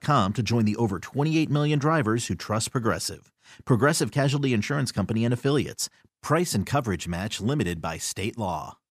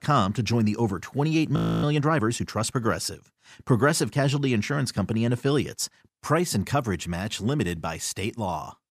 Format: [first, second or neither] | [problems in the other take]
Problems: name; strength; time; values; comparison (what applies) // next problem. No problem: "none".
first | audio freezing; at 1.5 s